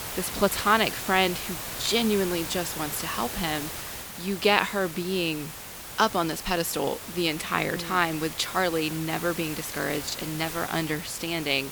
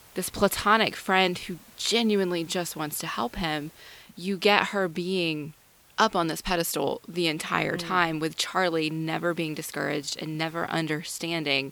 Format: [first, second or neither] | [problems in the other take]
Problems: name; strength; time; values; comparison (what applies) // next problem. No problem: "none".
second | hiss; loud; throughout; 8 dB below the speech; faint in the second